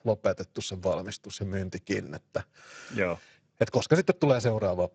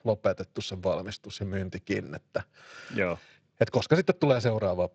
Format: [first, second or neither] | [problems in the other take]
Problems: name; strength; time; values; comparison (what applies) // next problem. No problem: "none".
second | garbled, watery; badly; nothing above 7.5 kHz; slightly in the second